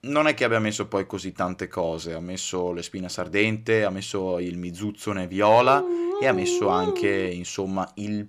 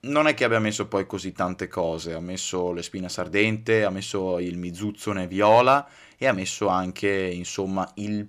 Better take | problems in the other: second | dog barking; noticeable; from 5.5 to 7.5 s; peak 1 dB below the speech

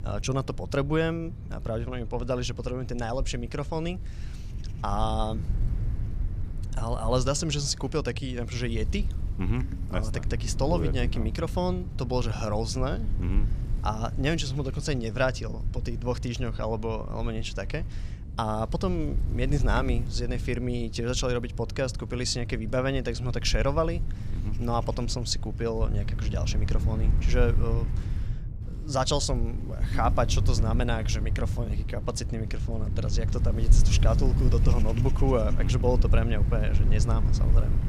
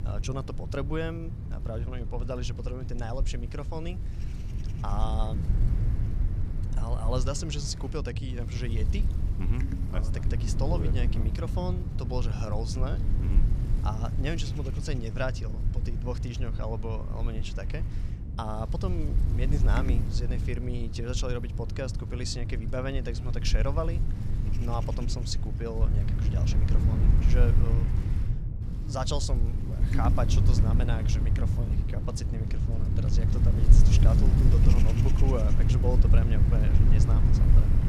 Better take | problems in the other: first | wind noise on the microphone; heavy; 4 dB below the speech; occasional gusts in the first

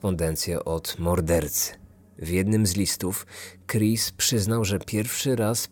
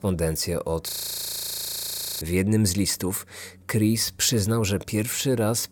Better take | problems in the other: first | audio freezing; at 1 s for 1.5 s

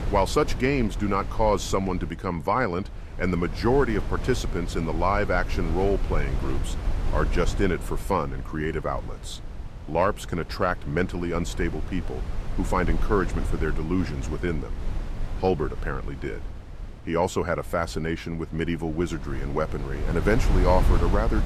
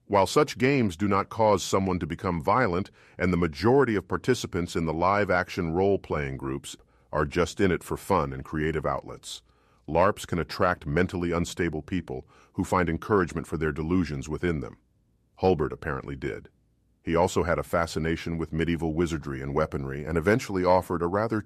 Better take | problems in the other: second | wind noise on the microphone; occasional gusts; 15 dB below the speech

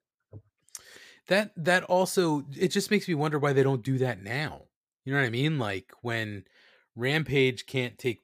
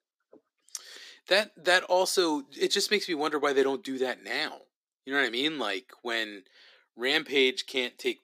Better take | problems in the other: first | thin; somewhat; fading below 250 Hz

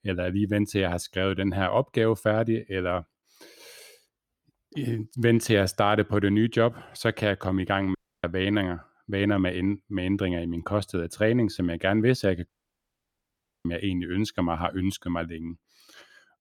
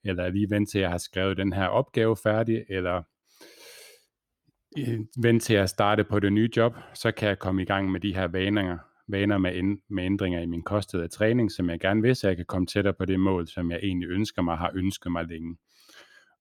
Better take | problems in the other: second | audio cutting out; at 8 s and at 12 s for 1 s

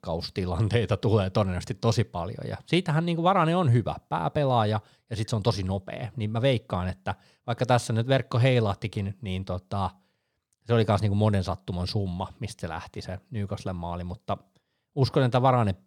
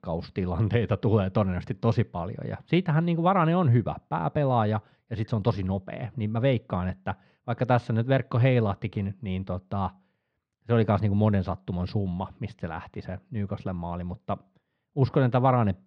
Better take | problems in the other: first | muffled; slightly; fading above 2 kHz

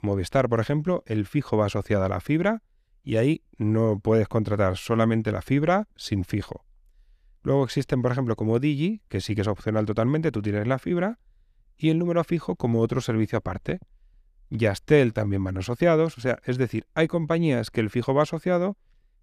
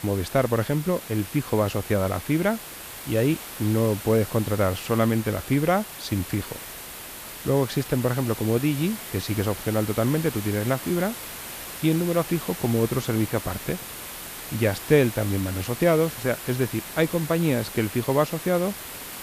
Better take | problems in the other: first | hiss; noticeable; throughout; 10 dB below the speech

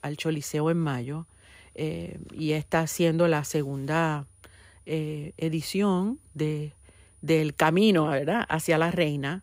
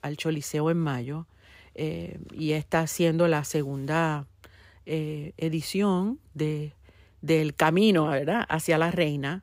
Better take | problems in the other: second | high-pitched whine; faint; throughout; 9.5 kHz, 35 dB below the speech

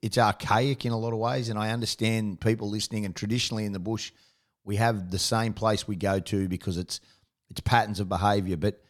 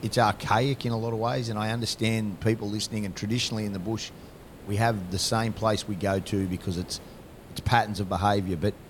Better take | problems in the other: first | hiss; noticeable; throughout; 20 dB below the speech

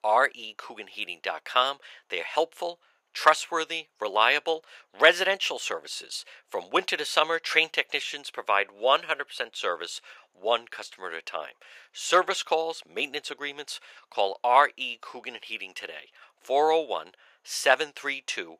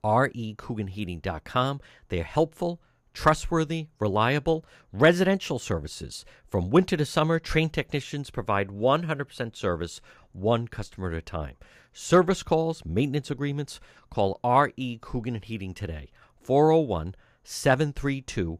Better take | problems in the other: second | thin; very; fading below 550 Hz

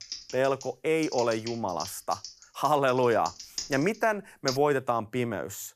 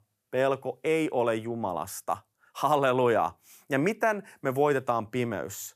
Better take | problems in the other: second | keyboard typing; noticeable; until 4.5 s; peak 7 dB below the speech

